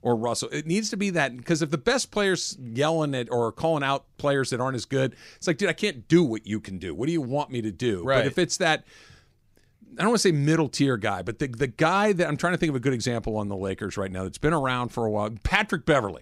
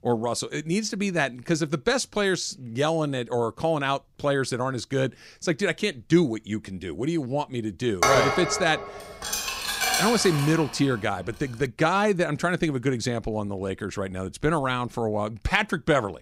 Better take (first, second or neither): first